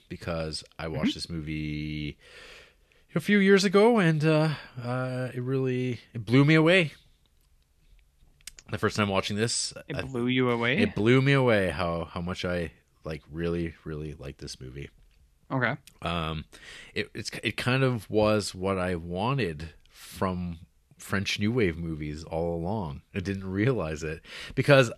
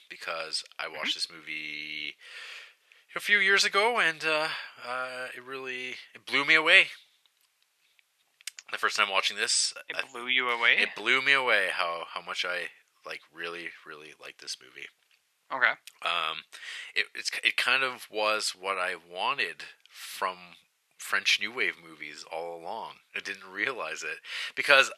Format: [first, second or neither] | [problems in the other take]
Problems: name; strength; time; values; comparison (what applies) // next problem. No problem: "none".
first | thin; very; fading below 850 Hz